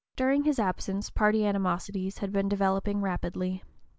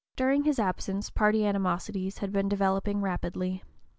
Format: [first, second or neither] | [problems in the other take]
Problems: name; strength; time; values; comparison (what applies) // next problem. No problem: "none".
second | noise reduction (neural mask model Resemble Enhance denoiser)